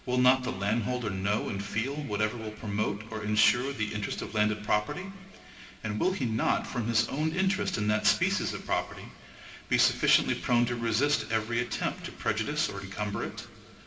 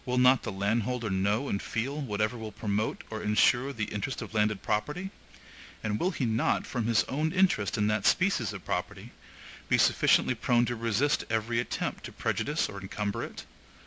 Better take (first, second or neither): second